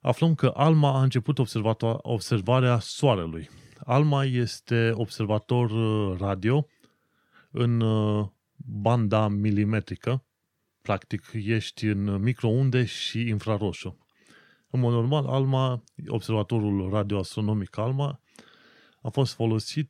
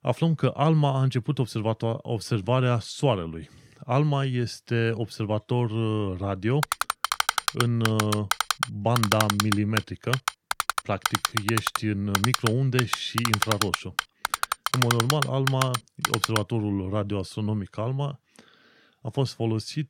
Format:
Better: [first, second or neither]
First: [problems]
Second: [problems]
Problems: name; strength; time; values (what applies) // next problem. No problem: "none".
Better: first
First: none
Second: keyboard typing; loud; from 6.5 to 16 s; peak 2 dB above the speech